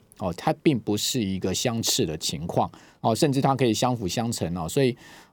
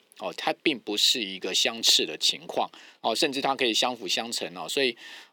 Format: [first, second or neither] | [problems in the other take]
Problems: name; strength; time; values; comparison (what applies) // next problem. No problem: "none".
first | thin; somewhat; fading below 300 Hz